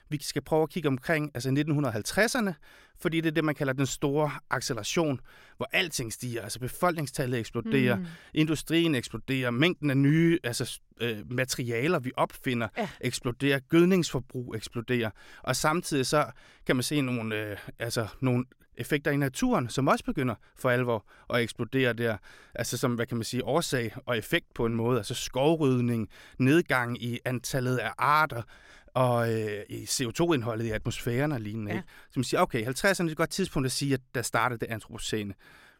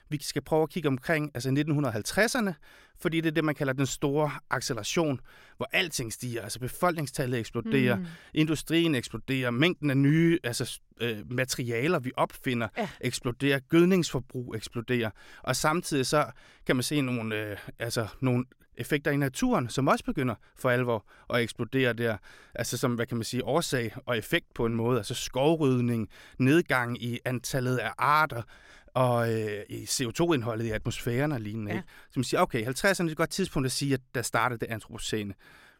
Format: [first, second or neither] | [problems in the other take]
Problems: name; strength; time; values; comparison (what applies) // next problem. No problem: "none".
neither | none